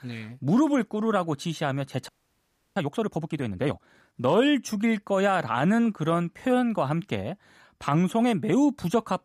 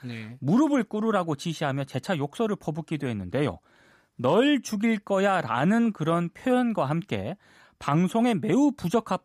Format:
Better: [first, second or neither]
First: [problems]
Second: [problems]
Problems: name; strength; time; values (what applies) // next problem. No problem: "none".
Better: second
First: audio freezing; at 2 s for 0.5 s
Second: none